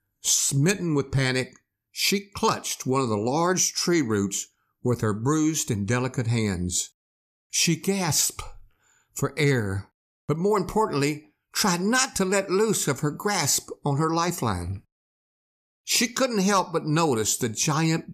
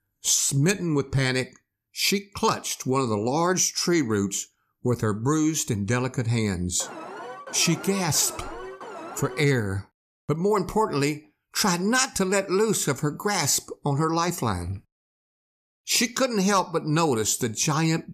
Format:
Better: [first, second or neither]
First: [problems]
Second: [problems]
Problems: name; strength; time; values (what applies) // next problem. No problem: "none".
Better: first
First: none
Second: alarm; faint; from 7 to 9.5 s; peak 15 dB below the speech